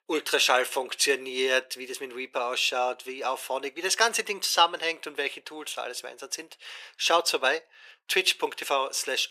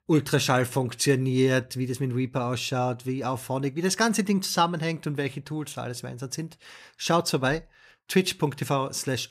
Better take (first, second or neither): second